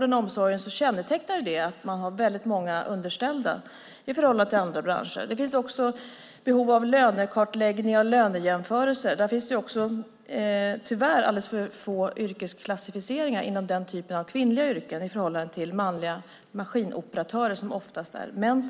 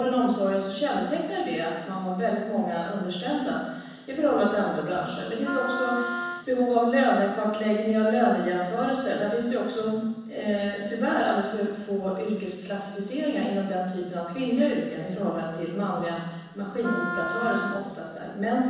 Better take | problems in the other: first | background sound (Wind instrument, woodwind instrument); 7 dB below the speech // room echo; dies away in 1.1 s

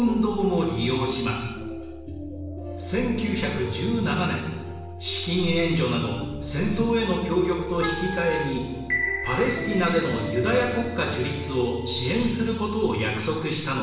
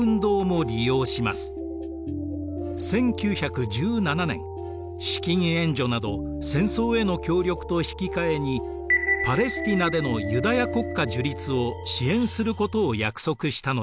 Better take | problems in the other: second | background sound (Wind instrument, woodwind instrument); 10 dB below the speech // room echo; dies away in 1.1 s

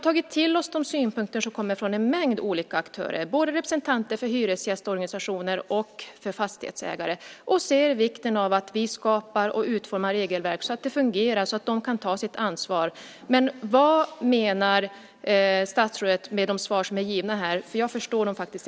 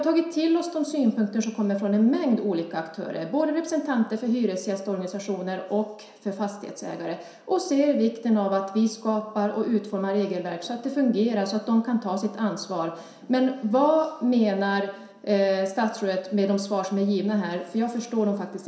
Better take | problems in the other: first | room echo; dies away in 0.7 s

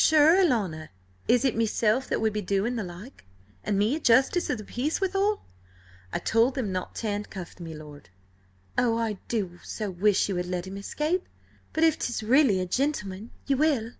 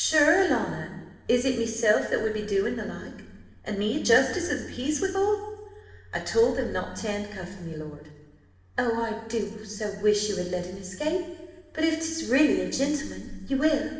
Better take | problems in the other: first | room echo; dies away in 1.2 s

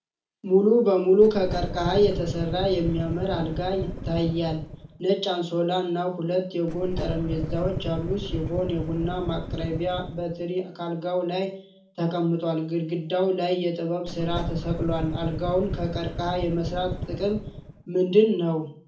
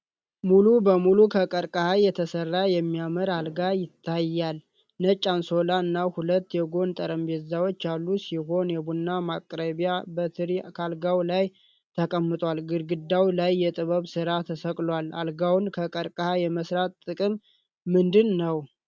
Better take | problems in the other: second | background sound (Engine starting / Car); 6 dB below the speech // room echo; dies away in 0.4 s

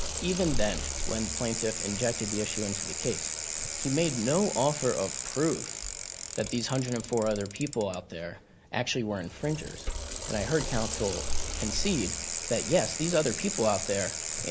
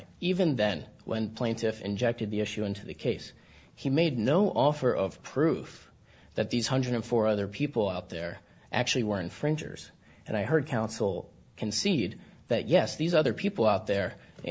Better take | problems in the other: second | background sound (Bicycle); 3 dB below the speech

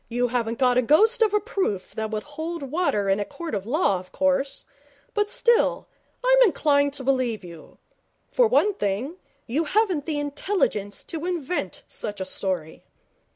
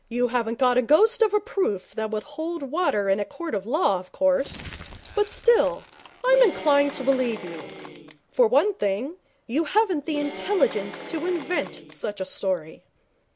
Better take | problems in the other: first | background sound (Applause / Cheering + Crumpling, crinkling); 15 dB below the speech

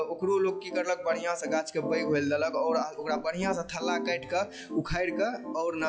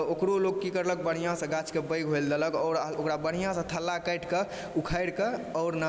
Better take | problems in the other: second | noise reduction (classical method log-MMSE)

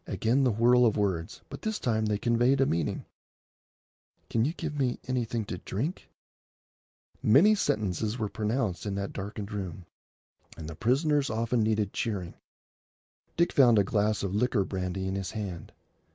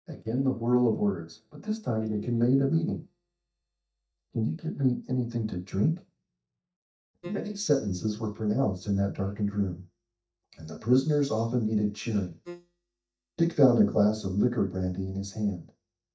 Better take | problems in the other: first | noise reduction (neural mask model DeepFilterNet 3)

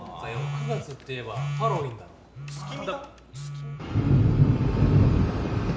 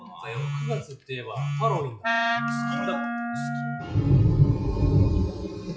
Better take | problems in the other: first | noise reduction (classical method log-MMSE)

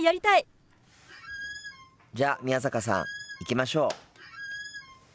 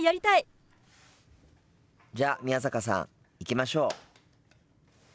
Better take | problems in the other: second | background sound (Squeak); 13 dB below the speech

